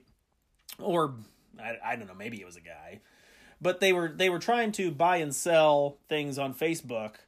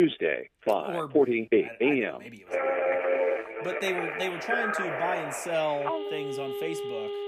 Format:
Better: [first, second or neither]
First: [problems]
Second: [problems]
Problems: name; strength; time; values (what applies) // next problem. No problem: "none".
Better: first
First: none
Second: alarms or sirens; very loud; throughout; 5 dB above the speech